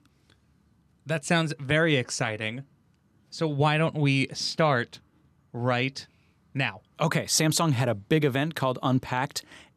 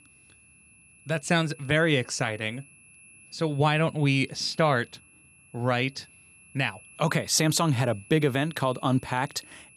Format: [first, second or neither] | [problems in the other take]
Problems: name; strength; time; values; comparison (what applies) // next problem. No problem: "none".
first | high-pitched whine; faint; throughout; 2.5 kHz, 25 dB below the speech